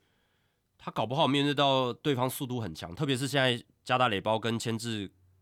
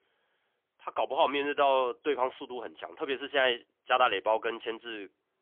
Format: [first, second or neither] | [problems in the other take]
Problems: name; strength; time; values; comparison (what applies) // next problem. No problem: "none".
first | phone-call audio; poor line; nothing above 3.5 kHz